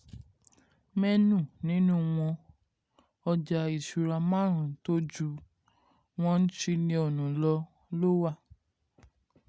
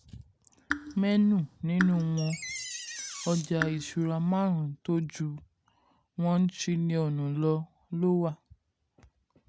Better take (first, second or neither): first